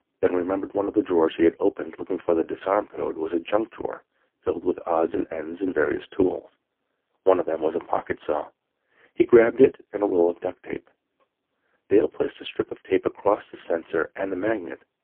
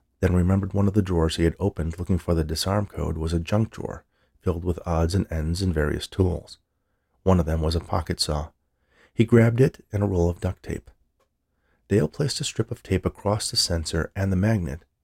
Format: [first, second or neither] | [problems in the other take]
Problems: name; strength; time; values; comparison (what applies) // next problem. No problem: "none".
second | phone-call audio; poor line; nothing above 3.5 kHz